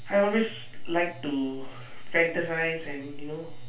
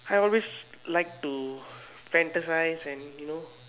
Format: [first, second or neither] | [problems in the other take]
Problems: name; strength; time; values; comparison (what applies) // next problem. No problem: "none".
second | room echo; dies away in 0.2 s